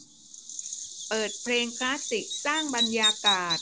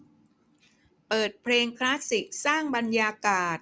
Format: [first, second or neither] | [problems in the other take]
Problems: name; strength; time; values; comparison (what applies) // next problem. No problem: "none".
second | background sound (Bird vocalization, bird call, bird song); 1 dB below the speech